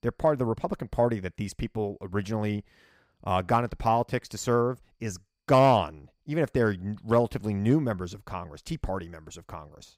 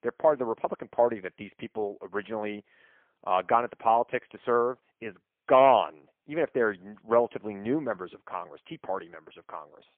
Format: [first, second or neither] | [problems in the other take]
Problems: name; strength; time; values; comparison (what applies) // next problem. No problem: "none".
first | phone-call audio; poor line; nothing above 3.5 kHz